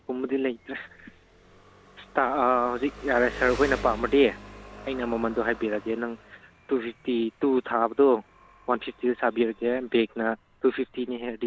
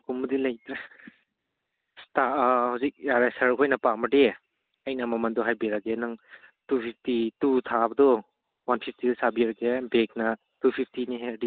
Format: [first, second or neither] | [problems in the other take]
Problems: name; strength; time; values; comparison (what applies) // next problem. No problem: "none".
second | background sound (Engine); 18 dB below the speech